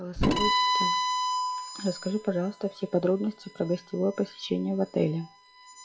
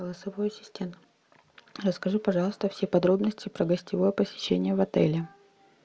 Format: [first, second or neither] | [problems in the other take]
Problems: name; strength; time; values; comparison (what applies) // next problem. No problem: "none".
second | noise reduction (classical method log-MMSE)